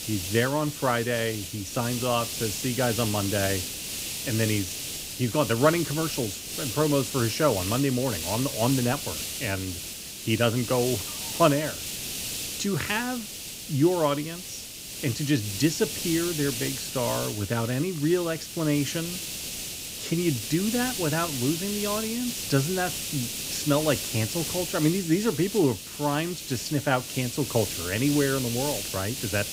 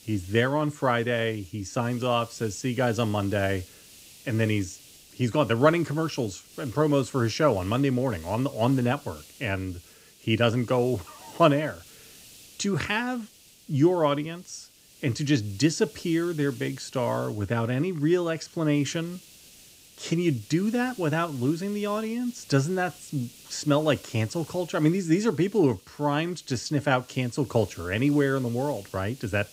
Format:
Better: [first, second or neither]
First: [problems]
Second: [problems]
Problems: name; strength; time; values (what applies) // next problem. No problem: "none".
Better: second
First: hiss; loud; throughout; 4 dB below the speech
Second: hiss; faint; throughout; 20 dB below the speech